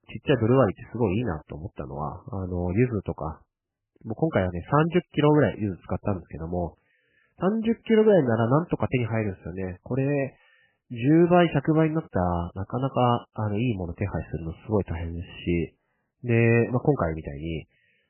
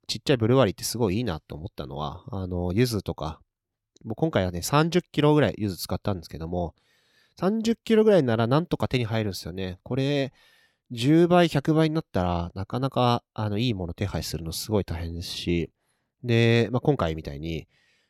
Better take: second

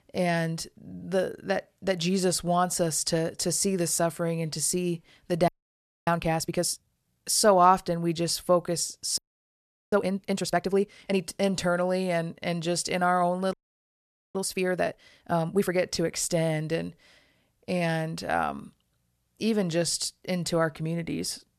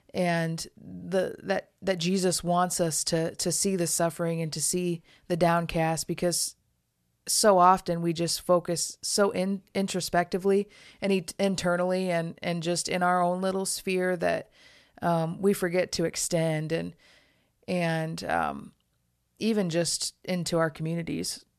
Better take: second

